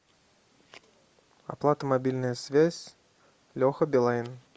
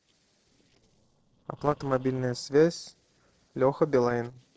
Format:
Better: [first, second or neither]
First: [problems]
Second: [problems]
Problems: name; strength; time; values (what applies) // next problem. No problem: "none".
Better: first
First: none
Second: noise reduction (neural separator model SepFormer DNS4)